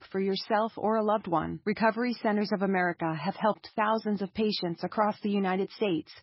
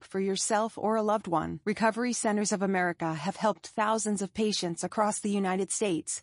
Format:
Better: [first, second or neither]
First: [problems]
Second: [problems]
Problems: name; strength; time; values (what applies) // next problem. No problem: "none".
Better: second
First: garbled, watery; badly; nothing above 5.5 kHz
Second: garbled, watery; slightly; nothing above 10.5 kHz